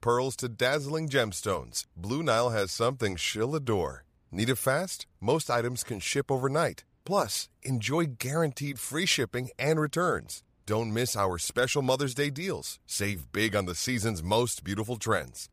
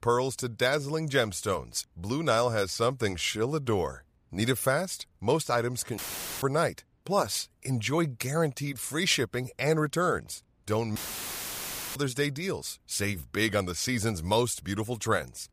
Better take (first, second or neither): first